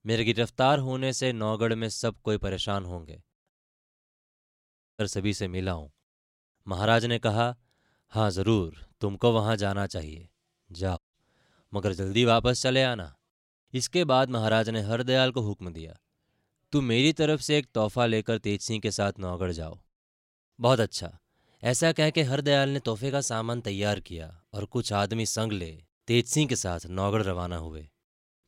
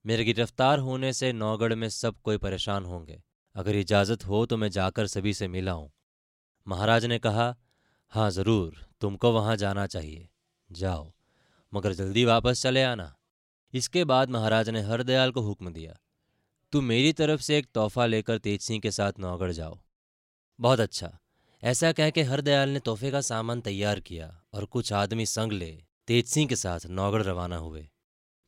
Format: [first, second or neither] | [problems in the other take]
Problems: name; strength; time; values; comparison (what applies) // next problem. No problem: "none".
second | audio cutting out; at 3.5 s for 1.5 s and at 11 s